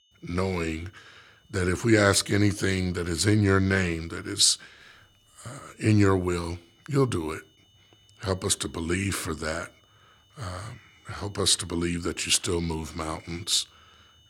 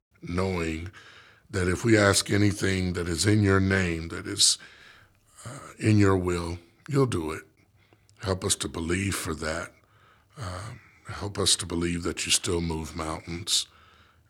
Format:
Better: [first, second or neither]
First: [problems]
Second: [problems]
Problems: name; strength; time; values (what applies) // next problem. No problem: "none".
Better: second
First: high-pitched whine; faint; throughout; 3 kHz, 35 dB below the speech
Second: none